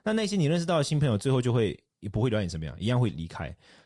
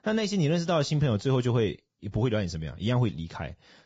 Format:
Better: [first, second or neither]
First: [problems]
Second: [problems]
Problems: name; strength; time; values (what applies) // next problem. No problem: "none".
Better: first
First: garbled, watery; slightly; nothing above 10.5 kHz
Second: garbled, watery; badly; nothing above 7.5 kHz